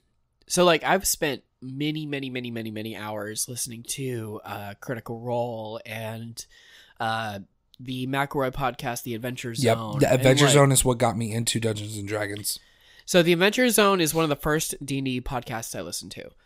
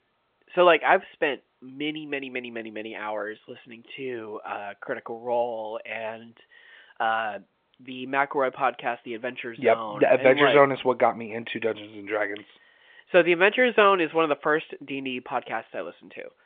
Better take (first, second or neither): first